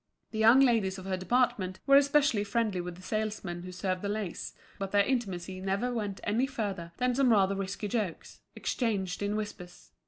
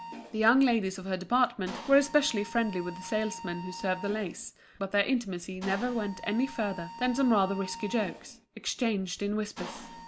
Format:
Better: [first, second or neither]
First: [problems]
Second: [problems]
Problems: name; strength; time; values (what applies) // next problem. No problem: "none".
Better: first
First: none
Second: background sound (Mechanisms); 15 dB below the speech